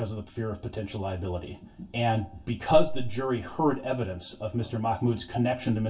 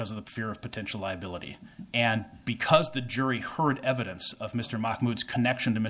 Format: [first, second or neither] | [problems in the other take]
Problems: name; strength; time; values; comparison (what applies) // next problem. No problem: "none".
second | room echo; dies away in 0.2 s